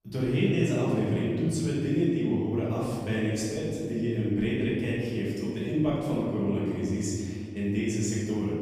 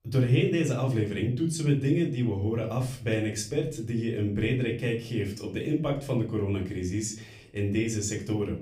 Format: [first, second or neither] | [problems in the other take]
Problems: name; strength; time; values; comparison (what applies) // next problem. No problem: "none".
second | room echo; strong; dies away in 2.1 s; slight in the second // off-mic speech; far; somewhat distant in the second